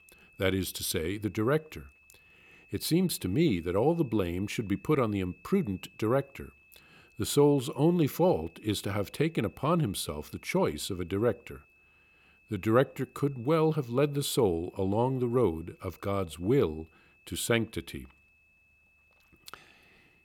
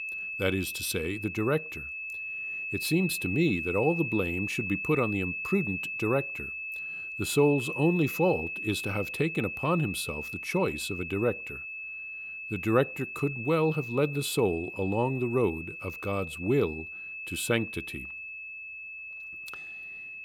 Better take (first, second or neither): first